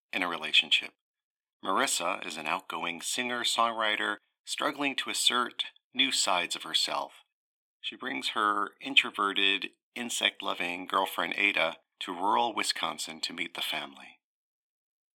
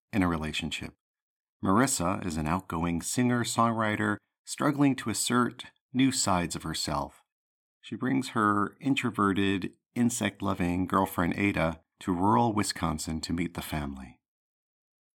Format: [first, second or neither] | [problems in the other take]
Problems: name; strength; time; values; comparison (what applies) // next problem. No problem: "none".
second | thin; somewhat; fading below 550 Hz